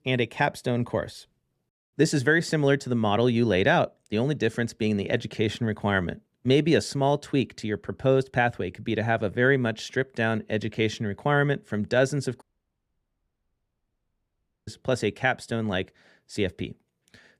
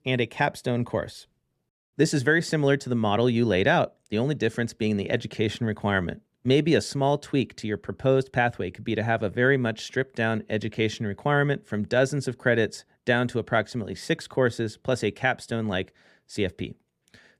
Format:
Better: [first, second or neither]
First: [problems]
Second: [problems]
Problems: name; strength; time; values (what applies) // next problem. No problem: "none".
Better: second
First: audio cutting out; at 12 s for 2.5 s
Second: none